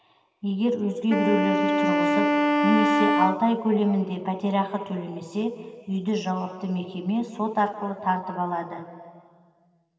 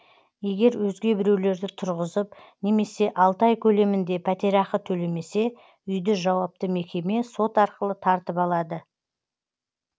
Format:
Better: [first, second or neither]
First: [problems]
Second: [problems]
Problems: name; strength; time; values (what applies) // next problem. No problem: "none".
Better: second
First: background sound (Wind instrument, woodwind instrument); 3 dB above the speech // room echo; dies away in 2.2 s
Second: none